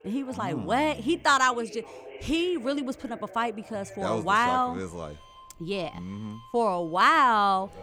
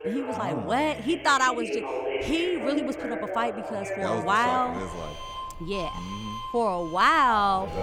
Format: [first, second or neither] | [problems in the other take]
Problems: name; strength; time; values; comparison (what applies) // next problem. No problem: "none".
first | alarms or sirens; loud; throughout; 8 dB below the speech; faint in the first